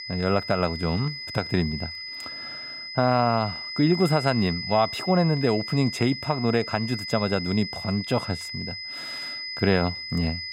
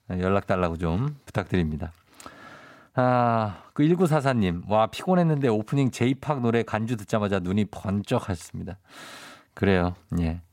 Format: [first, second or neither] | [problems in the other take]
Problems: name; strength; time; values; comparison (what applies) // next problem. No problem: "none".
second | high-pitched whine; loud; throughout; 5 kHz, 7 dB below the speech